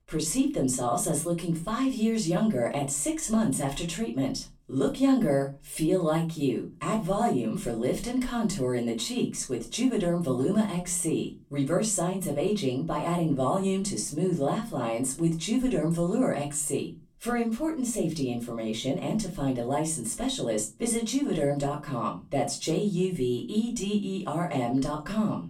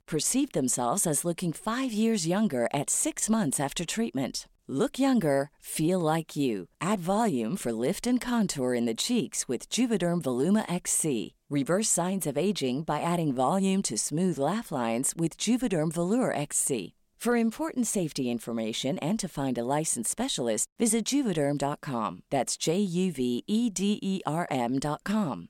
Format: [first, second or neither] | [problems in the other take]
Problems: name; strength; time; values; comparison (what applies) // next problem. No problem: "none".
second | off-mic speech; far // room echo; very slight; dies away in 0.3 s